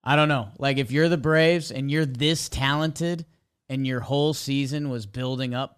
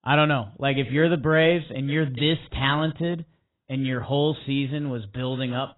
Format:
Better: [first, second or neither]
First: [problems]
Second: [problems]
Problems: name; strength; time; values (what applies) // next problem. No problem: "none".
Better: first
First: none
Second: garbled, watery; badly; nothing above 4 kHz